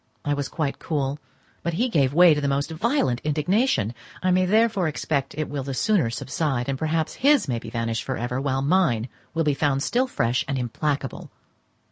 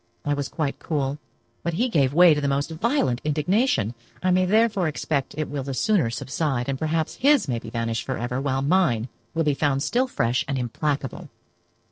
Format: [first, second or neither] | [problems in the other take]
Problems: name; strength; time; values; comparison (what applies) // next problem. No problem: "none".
first | noise reduction (neural separator model SepFormer DNS4)